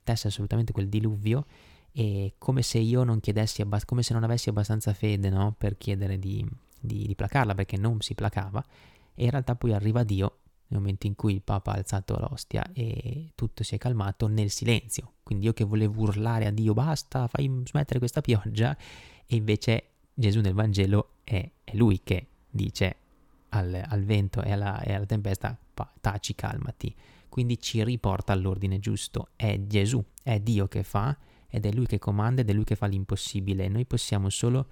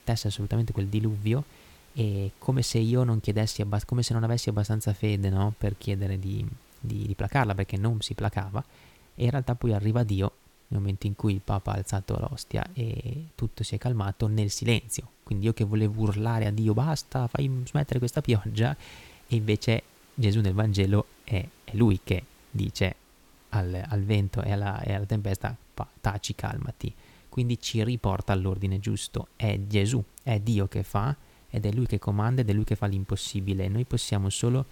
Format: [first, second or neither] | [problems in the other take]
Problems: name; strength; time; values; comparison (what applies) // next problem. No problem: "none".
first | hiss; faint; throughout; 30 dB below the speech